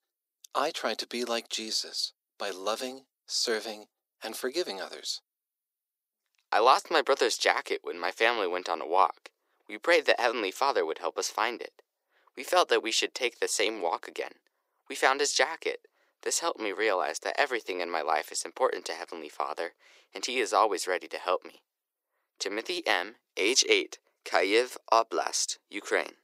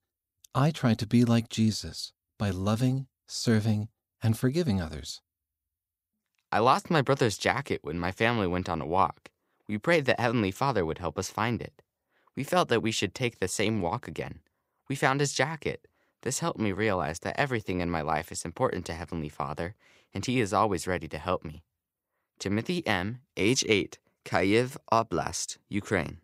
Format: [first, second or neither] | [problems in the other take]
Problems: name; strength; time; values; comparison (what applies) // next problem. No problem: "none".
second | thin; very; fading below 350 Hz